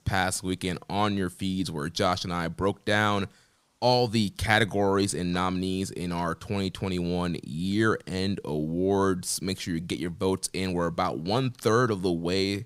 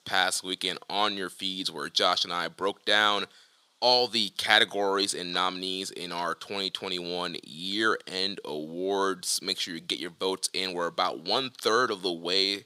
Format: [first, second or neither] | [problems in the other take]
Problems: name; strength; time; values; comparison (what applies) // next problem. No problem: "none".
first | thin; somewhat; fading below 400 Hz